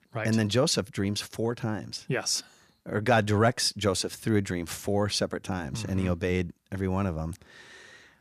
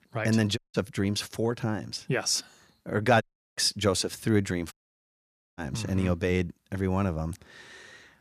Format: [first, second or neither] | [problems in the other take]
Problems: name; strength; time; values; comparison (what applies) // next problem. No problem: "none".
first | audio cutting out; at 0.5 s, at 3 s and at 4.5 s for 1 s